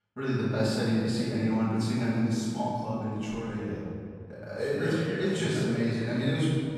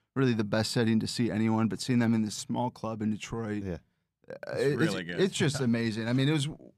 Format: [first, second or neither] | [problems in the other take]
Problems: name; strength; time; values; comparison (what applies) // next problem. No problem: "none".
second | room echo; strong; dies away in 2.2 s // off-mic speech; far